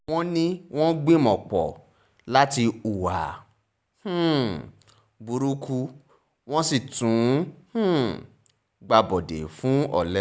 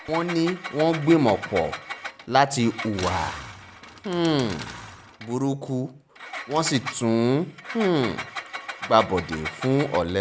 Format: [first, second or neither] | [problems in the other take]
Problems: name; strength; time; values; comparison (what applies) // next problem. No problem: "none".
first | background sound (Engine); 12 dB below the speech